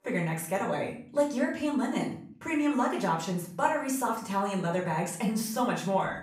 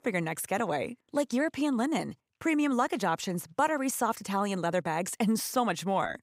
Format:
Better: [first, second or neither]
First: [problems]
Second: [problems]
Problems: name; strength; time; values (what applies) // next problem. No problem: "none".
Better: second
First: off-mic speech; far // room echo; slight; dies away in 0.5 s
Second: none